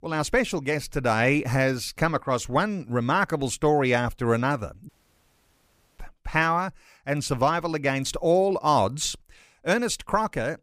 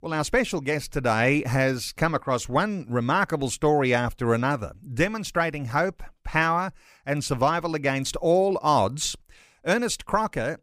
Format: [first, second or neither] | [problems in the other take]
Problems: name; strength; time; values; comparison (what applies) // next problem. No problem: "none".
second | audio cutting out; at 5 s for 1 s